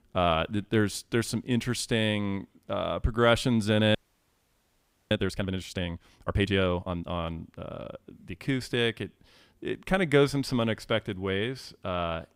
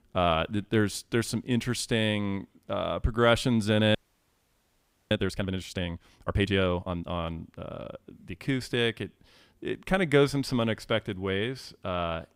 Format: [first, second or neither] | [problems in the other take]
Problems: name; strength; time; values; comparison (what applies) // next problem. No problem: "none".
neither | audio freezing; at 4 s for 1 s; the same in both